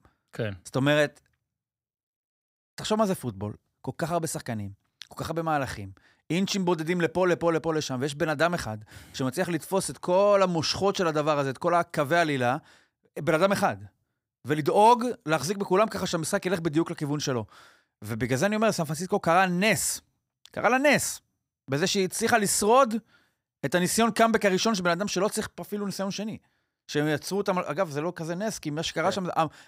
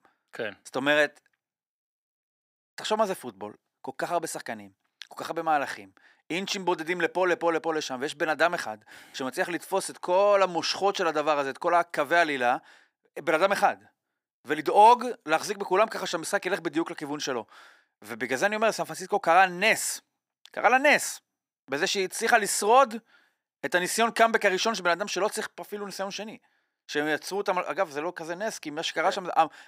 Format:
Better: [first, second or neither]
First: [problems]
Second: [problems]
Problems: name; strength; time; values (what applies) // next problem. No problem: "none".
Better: first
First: none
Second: thin; somewhat; fading below 350 Hz